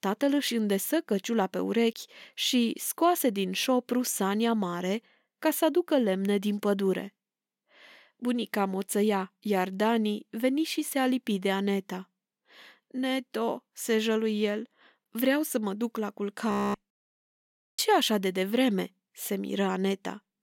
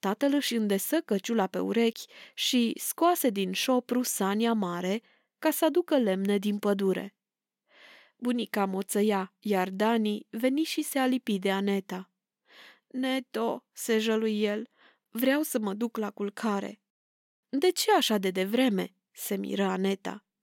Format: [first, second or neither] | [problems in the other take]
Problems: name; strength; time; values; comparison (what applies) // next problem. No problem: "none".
second | audio freezing; at 17 s